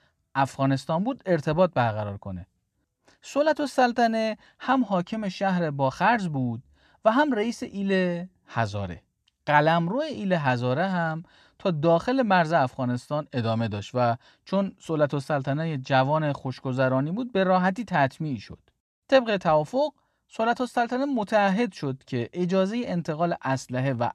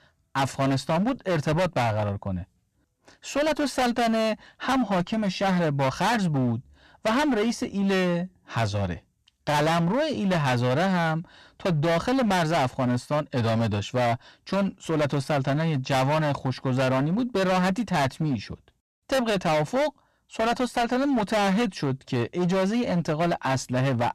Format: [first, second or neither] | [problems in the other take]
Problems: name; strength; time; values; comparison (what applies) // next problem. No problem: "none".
first | distortion; heavy; 24% of the sound clipped